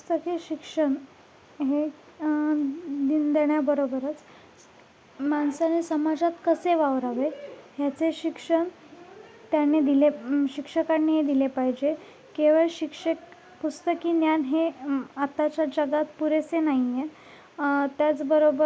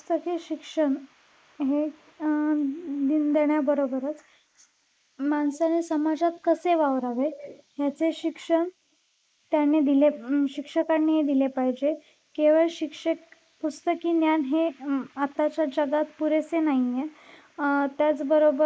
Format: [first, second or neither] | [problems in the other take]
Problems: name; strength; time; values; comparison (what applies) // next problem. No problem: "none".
first | noise reduction (neural mask model Resemble Enhance denoiser)